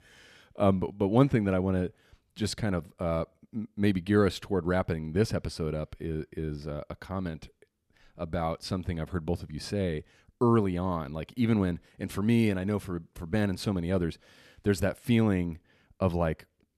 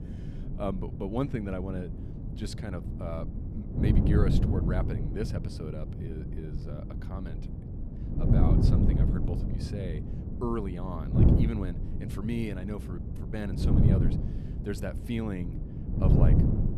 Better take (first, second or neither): first